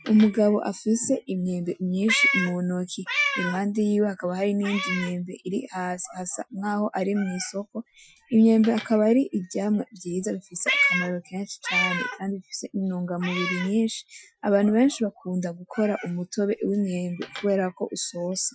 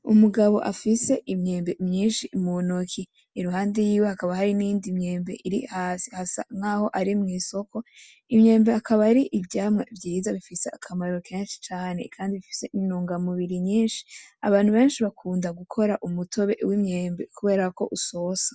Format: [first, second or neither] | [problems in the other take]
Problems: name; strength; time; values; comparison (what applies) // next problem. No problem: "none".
second | noise reduction (classical method Wiener filter)